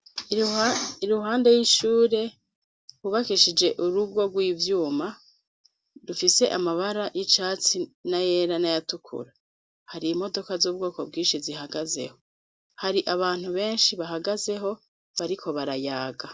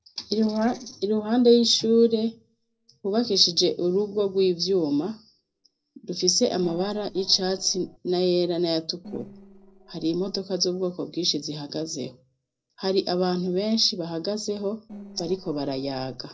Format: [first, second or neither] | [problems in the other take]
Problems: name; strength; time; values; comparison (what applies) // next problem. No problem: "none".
first | noise reduction (neural separator model SepFormer DNS4)